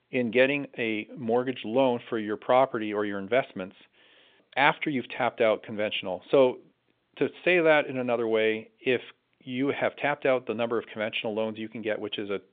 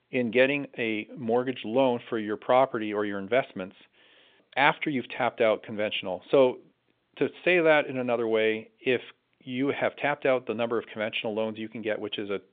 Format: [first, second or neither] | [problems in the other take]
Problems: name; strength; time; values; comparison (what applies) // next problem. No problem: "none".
neither | phone-call audio; nothing above 3.5 kHz; the same in both